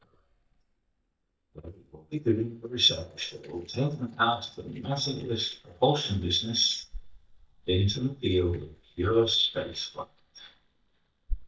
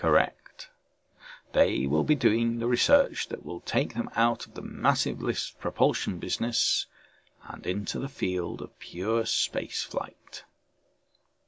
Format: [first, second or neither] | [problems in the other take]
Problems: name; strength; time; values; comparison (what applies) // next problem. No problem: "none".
second | noise reduction (neural mask model DeepFilterNet 3)